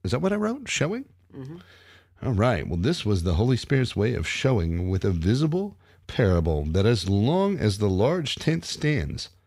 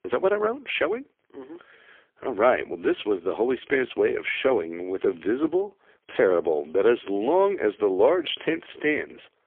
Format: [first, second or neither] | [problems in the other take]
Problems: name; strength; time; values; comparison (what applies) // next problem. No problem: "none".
first | phone-call audio; poor line; nothing above 3.5 kHz